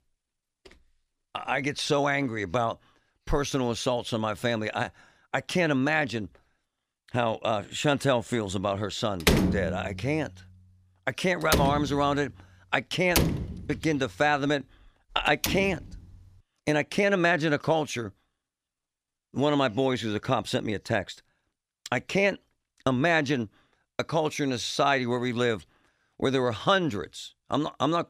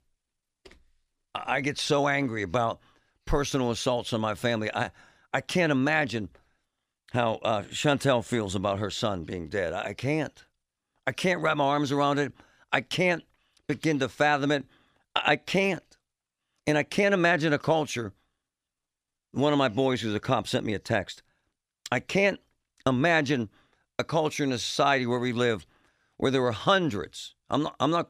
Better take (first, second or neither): second